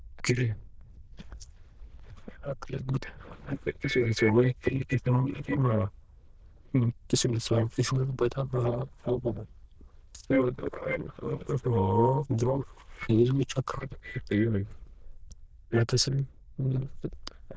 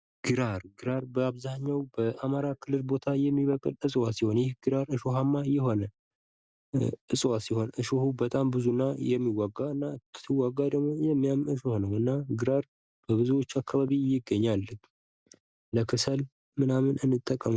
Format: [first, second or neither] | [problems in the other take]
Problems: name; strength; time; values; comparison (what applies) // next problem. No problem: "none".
second | noise reduction (neural diffusion model UNIVERSE++)